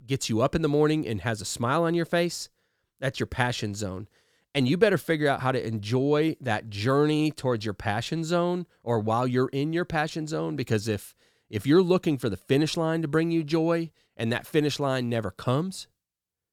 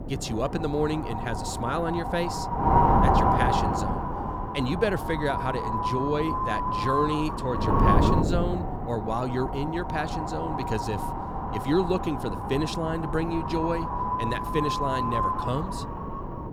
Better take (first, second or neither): first